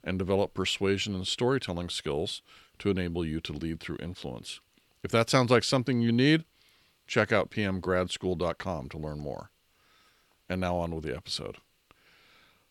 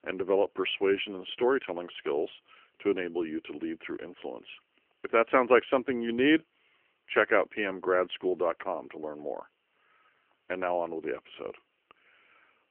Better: first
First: none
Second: phone-call audio; nothing above 3 kHz

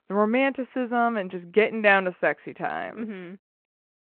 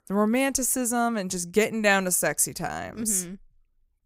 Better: second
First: phone-call audio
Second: none

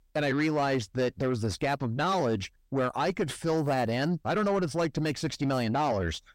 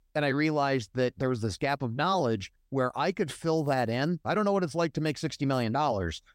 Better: second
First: distortion; slight; 10 dB below the speech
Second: none

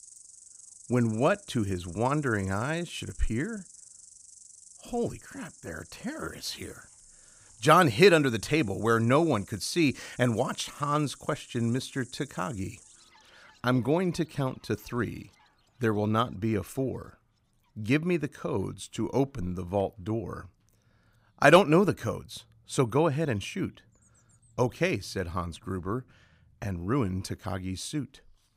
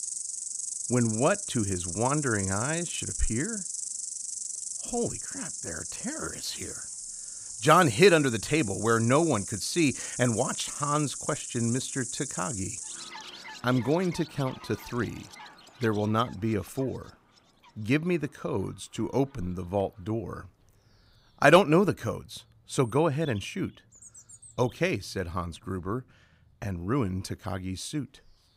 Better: first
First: animal sounds; faint; throughout; 20 dB below the speech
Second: animal sounds; loud; throughout; 6 dB below the speech

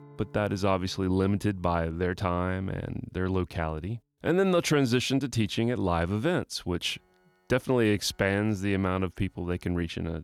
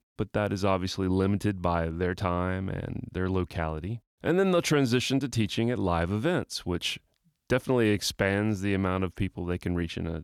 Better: second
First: background music; faint; throughout; 30 dB below the speech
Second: none

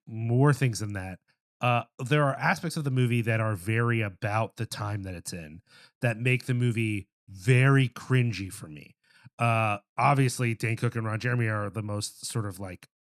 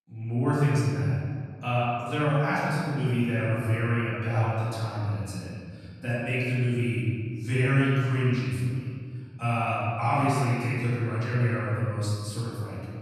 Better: first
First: none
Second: room echo; strong; dies away in 1.9 s // off-mic speech; far

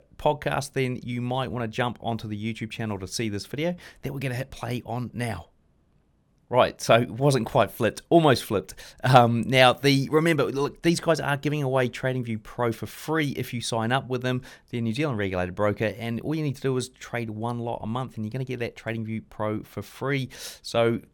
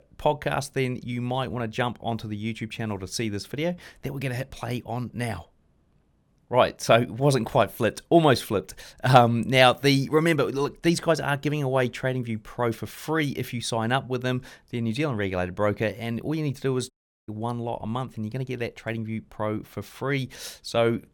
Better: first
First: none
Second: audio cutting out; at 17 s

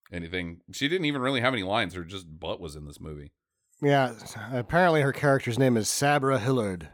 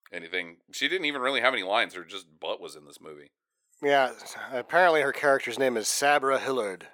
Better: first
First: none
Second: thin; somewhat; fading below 500 Hz

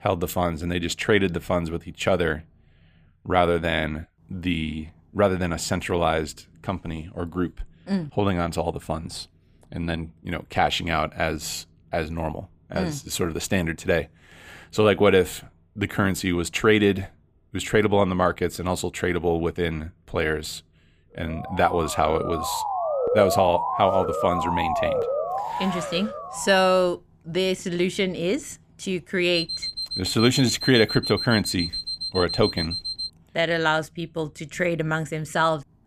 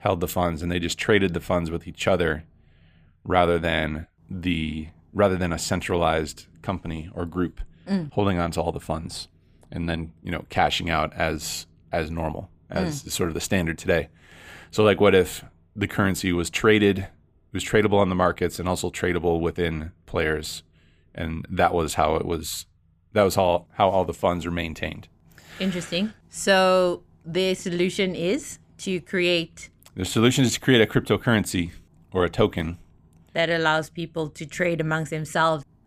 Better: second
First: siren; loud; from 21 to 27 s; peak 1 dB above the speech // alarm; noticeable; from 29 to 33 s; peak 3 dB below the speech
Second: none

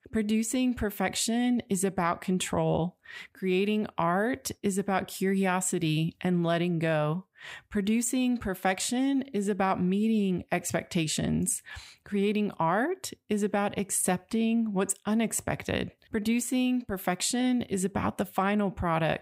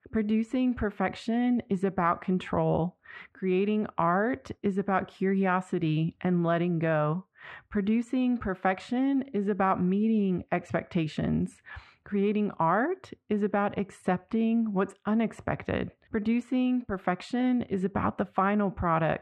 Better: first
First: none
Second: muffled; very; fading above 2 kHz

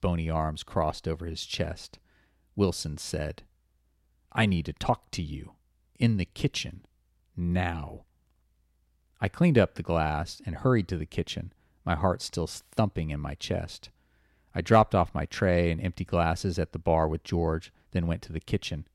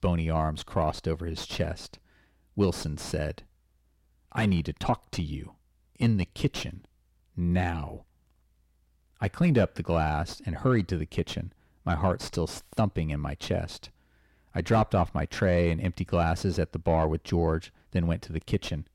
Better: first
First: none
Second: distortion; slight; 9 dB below the speech

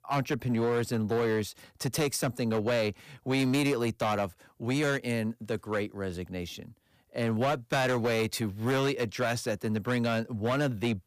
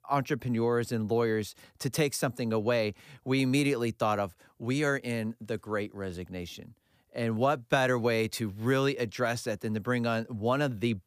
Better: second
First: distortion; slight; 11% of the sound clipped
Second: none

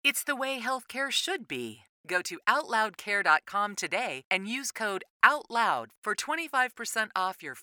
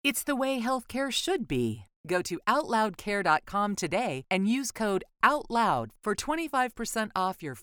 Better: second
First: thin; somewhat; fading below 700 Hz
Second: none

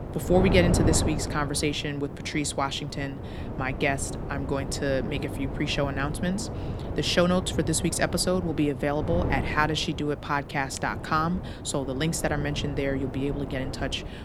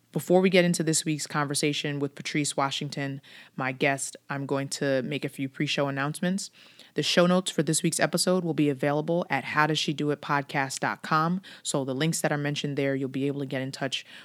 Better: second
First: wind noise on the microphone; heavy; 10 dB below the speech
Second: none

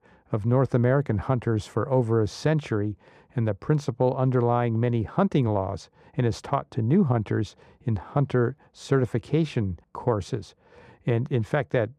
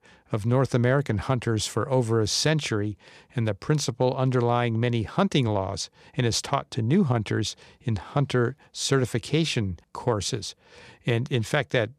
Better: second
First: muffled; slightly; fading above 2 kHz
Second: none

